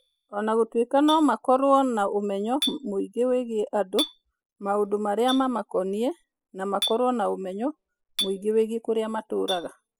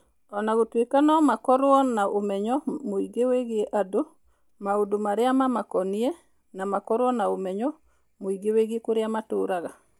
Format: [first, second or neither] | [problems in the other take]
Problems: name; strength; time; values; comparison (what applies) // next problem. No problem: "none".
second | noise reduction (classical method spectral subtraction)